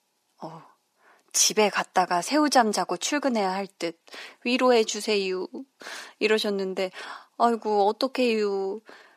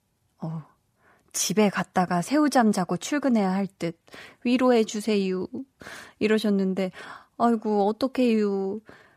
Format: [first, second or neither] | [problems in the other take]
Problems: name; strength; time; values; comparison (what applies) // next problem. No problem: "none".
second | thin; somewhat; fading below 300 Hz